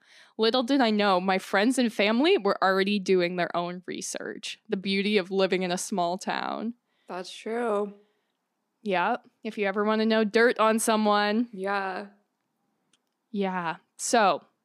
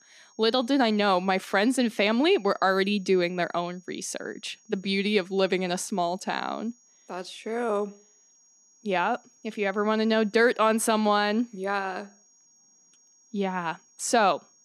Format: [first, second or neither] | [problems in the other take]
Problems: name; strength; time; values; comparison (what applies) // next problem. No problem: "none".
first | high-pitched whine; faint; throughout; 6.5 kHz, 30 dB below the speech